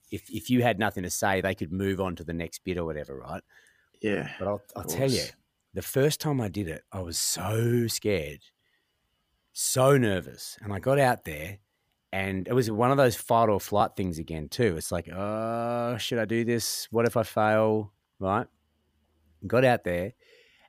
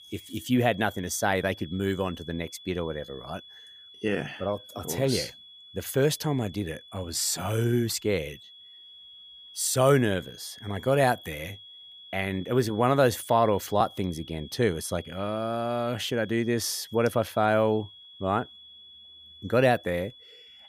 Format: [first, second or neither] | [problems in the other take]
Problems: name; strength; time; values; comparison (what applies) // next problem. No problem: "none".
first | high-pitched whine; noticeable; throughout; 3.5 kHz, 20 dB below the speech